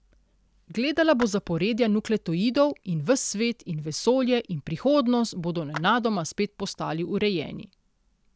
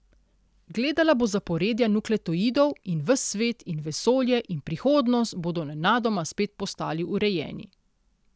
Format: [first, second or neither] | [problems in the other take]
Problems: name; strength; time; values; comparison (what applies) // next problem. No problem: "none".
second | background sound (Clapping); 18 dB below the speech